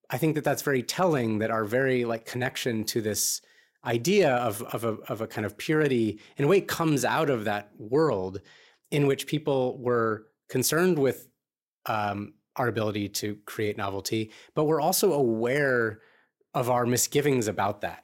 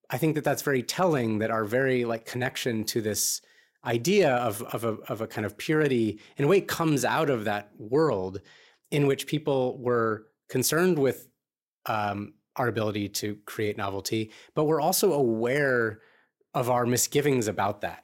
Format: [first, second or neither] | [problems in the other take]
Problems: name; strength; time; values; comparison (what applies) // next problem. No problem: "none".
neither | none